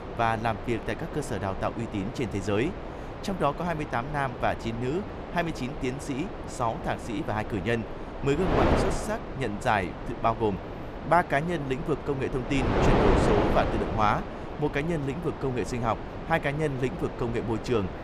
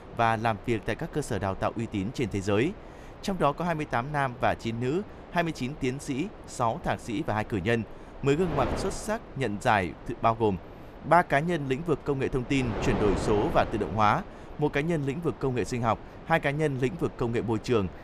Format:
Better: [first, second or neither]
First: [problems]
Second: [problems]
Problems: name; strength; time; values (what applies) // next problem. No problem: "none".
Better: second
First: wind noise on the microphone; heavy; 5 dB below the speech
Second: wind noise on the microphone; occasional gusts; 15 dB below the speech